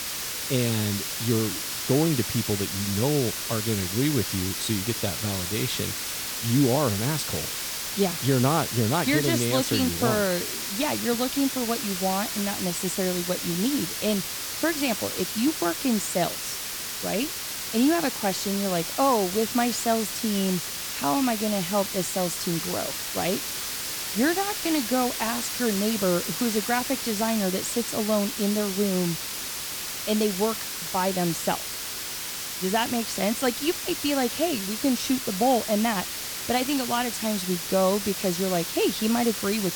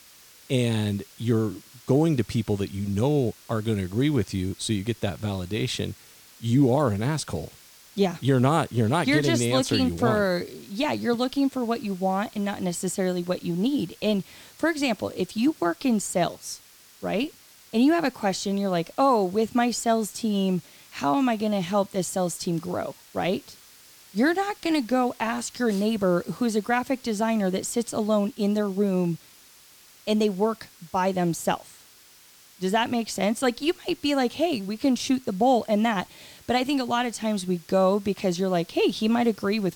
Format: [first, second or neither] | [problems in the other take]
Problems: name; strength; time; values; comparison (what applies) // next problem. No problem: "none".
second | hiss; loud; throughout; 3 dB below the speech; faint in the second